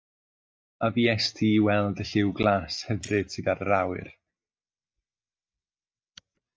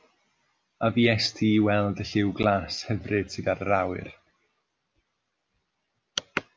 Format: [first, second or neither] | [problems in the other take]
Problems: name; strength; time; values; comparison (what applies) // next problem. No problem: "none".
second | noise reduction (neural mask model DeepFilterNet 3)